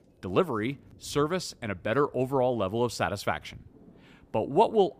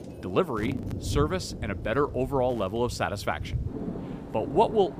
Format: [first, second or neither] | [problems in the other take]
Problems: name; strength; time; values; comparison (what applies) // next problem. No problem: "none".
first | rain or running water; loud; throughout; 8 dB below the speech; faint in the first